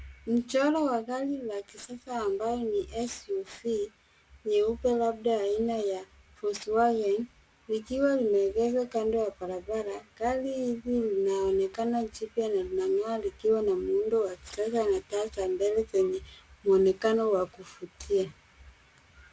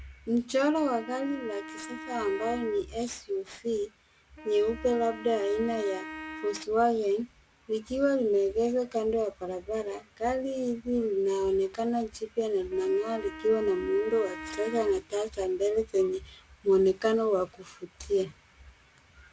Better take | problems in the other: first | background sound (Wind instrument, woodwind instrument); 14 dB below the speech

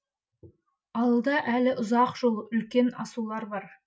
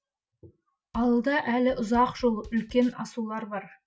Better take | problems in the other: first | background sound (Bass drum / Snare drum / Drum kit); 20 dB below the speech

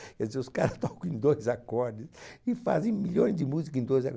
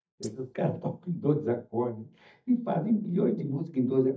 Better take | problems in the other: first | noise reduction (neural mask model DeepFilterNet 3)

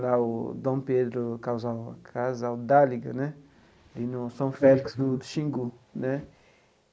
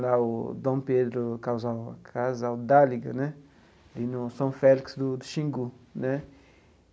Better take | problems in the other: second | noise reduction (neural mask model Resemble Enhance denoiser)

